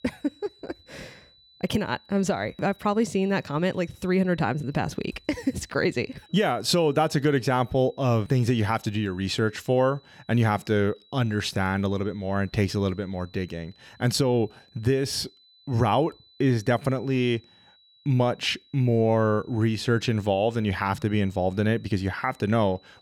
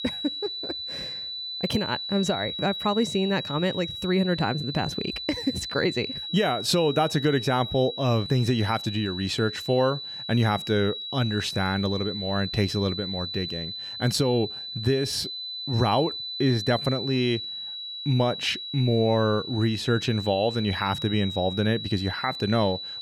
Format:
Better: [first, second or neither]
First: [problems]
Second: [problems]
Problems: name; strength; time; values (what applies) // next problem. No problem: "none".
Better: first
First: high-pitched whine; faint; throughout; 4 kHz, 30 dB below the speech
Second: high-pitched whine; loud; throughout; 4 kHz, 6 dB below the speech